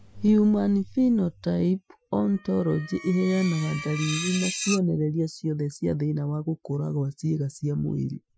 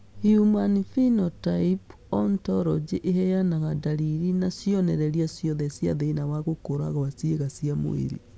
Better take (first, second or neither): second